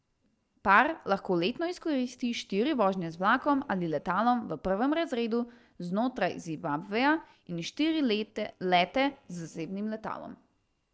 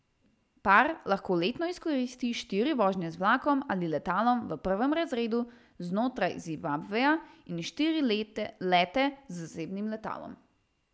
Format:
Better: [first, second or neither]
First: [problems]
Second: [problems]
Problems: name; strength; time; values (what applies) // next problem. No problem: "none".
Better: second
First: noise reduction (neural separator model SepFormer DNS4)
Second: none